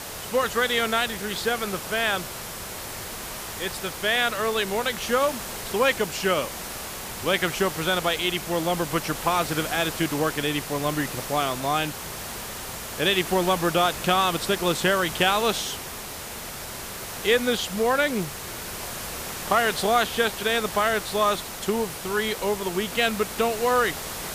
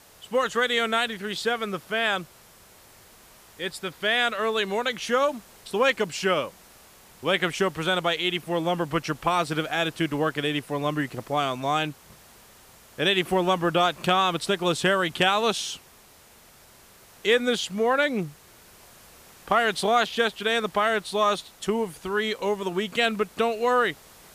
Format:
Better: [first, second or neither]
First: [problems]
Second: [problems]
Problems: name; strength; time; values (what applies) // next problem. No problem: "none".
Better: second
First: hiss; loud; throughout; 8 dB below the speech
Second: hiss; faint; throughout; 25 dB below the speech